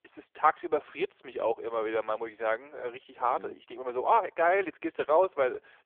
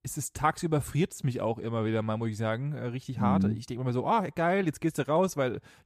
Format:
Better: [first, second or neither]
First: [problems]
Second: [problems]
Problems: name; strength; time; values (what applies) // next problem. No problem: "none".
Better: second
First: phone-call audio; poor line; nothing above 3.5 kHz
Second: none